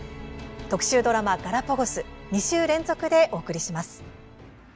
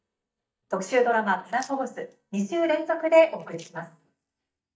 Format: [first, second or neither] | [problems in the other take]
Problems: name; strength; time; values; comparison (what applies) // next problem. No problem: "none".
first | noise reduction (neural mask model DeepFilterNet 3)